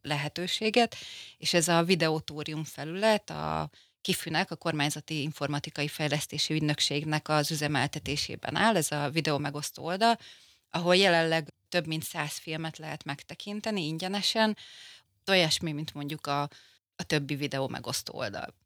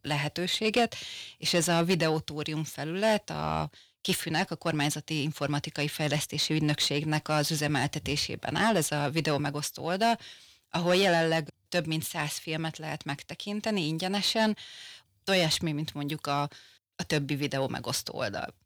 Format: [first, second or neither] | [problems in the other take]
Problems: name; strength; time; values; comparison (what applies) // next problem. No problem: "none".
first | distortion; slight; 10 dB below the speech